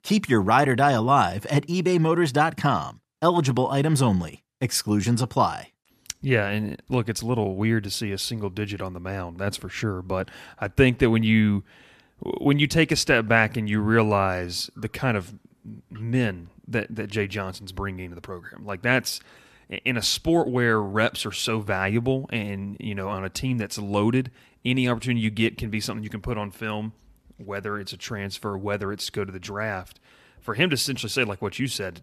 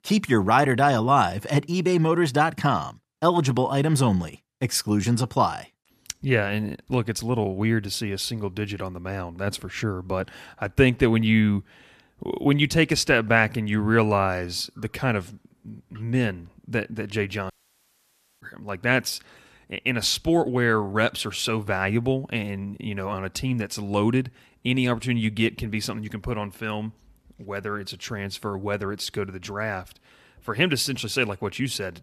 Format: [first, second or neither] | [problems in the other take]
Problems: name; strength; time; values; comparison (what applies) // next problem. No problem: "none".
first | audio cutting out; at 18 s for 1 s